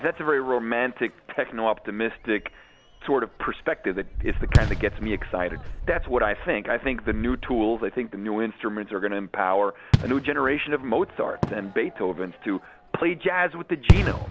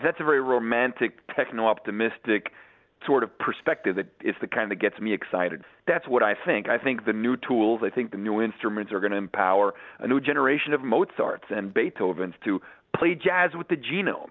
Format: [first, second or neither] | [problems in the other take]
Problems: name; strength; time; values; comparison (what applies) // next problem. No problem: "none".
second | background sound (Fireworks); 3 dB below the speech